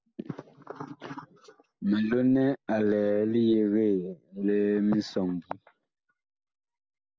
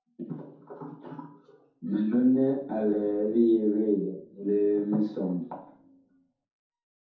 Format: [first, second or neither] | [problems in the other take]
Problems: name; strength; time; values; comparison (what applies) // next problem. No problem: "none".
first | room echo; dies away in 0.6 s